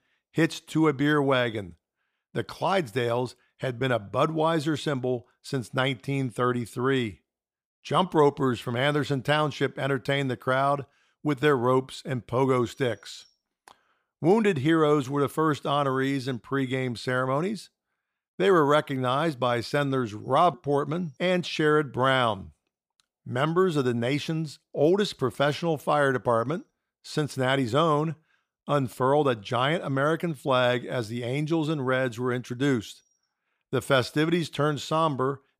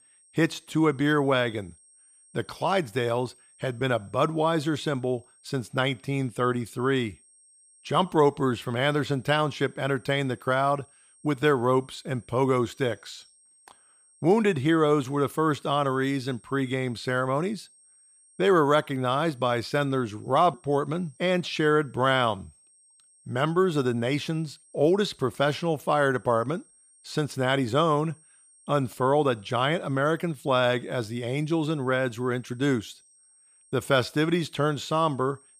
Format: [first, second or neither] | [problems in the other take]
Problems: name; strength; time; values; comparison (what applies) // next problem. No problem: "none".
first | high-pitched whine; faint; throughout; 8.5 kHz, 30 dB below the speech